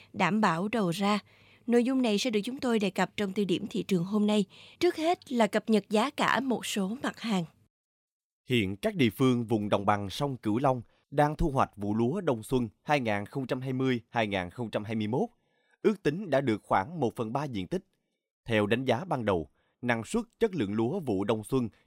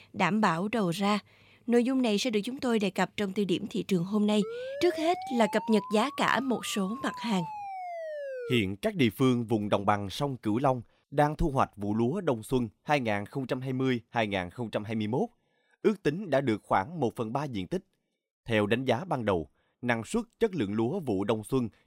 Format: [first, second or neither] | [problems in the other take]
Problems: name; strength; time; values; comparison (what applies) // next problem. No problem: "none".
first | siren; noticeable; from 4.5 to 8.5 s; peak 8 dB below the speech